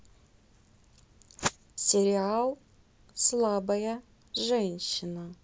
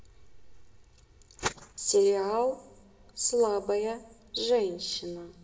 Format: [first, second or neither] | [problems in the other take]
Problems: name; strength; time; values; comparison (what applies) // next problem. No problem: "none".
first | room echo; dies away in 1.2 s